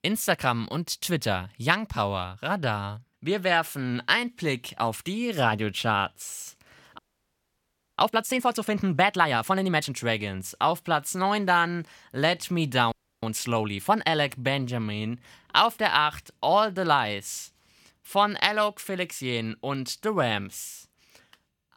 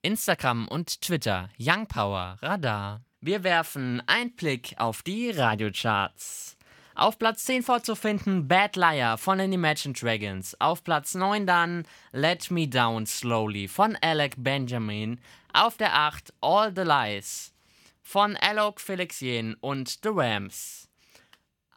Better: second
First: audio freezing; at 7 s for 1 s and at 13 s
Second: none

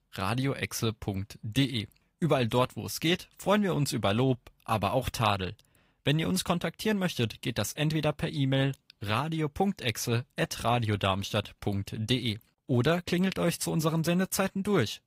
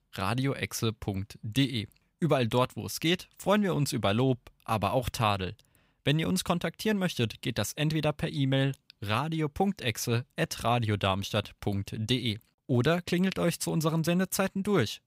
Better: second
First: garbled, watery; slightly; nothing above 15.5 kHz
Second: none

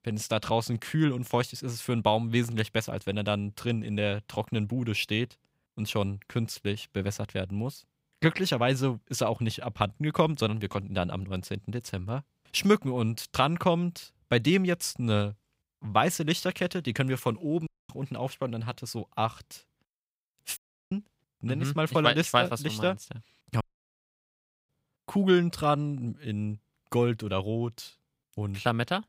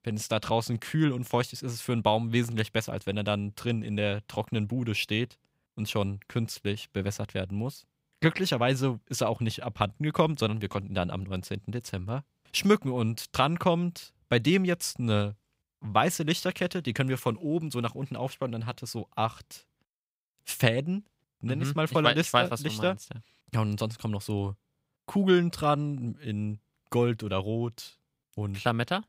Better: second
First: audio cutting out; at 18 s, at 21 s and at 24 s for 1 s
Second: none

